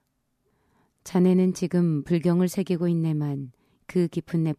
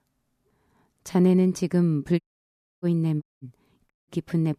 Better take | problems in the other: first | audio cutting out; at 2 s for 0.5 s, at 3 s and at 4 s

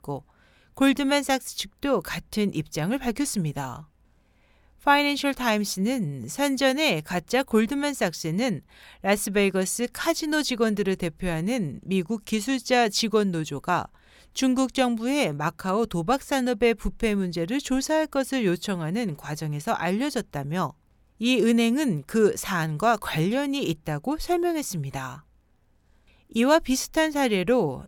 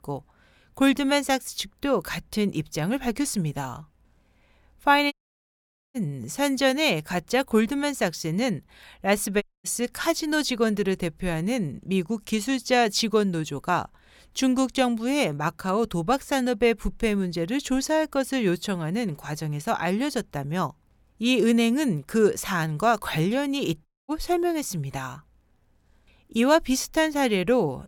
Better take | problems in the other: first | audio cutting out; at 5 s for 1 s, at 9.5 s and at 24 s

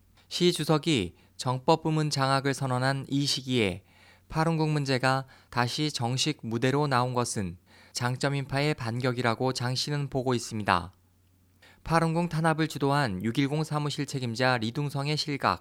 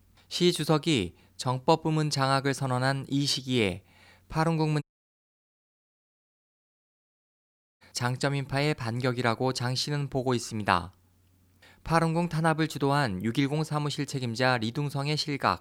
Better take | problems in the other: first | audio cutting out; at 5 s for 3 s

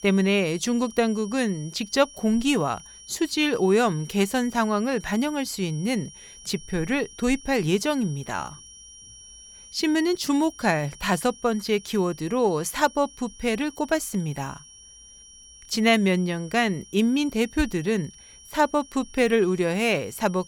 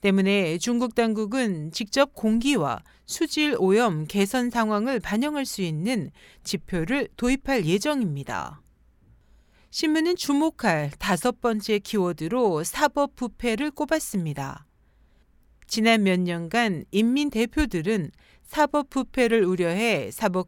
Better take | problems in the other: second | high-pitched whine; noticeable; throughout; 5.5 kHz, 20 dB below the speech

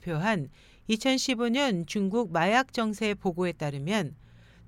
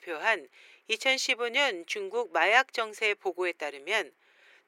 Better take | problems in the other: first | thin; very; fading below 350 Hz

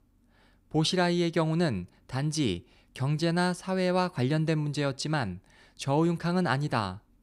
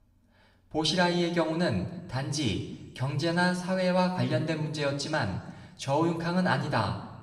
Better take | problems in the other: first | room echo; slight; dies away in 0.8 s // off-mic speech; somewhat distant

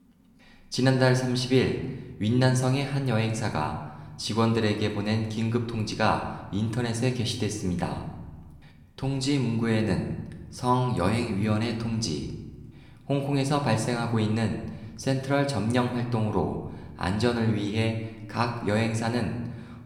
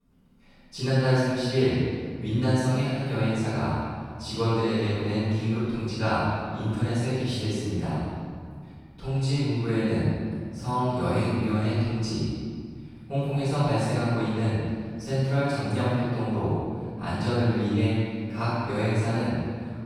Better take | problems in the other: first | room echo; strong; dies away in 1.9 s; slight in the first // off-mic speech; far

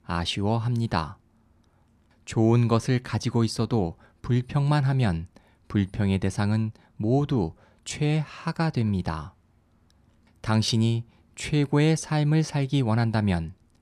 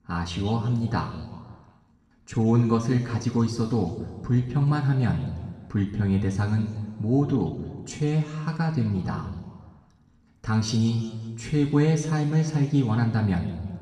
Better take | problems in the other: first | room echo; noticeable; dies away in 1.6 s // off-mic speech; somewhat distant

